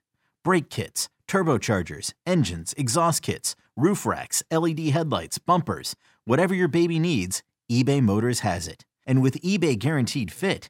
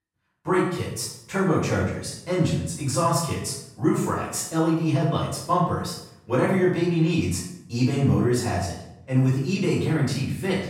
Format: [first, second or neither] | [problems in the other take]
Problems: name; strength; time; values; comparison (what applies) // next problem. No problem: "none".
first | off-mic speech; far // room echo; noticeable; dies away in 0.7 s